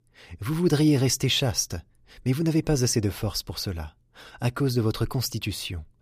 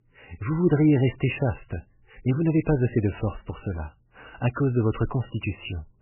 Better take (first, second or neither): first